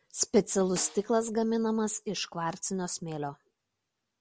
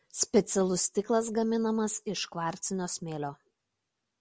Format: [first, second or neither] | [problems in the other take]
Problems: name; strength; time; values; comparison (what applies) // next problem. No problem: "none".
second | background sound (Snare drum); 19 dB below the speech